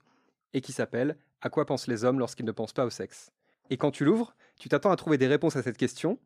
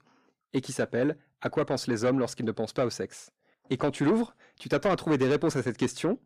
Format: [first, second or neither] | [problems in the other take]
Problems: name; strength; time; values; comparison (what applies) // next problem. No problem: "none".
first | distortion; slight; 10 dB below the speech